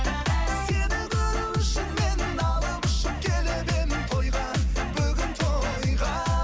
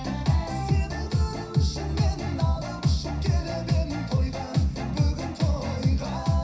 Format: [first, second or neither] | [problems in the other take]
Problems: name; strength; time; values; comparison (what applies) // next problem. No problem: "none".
first | room echo; dies away in 0.5 s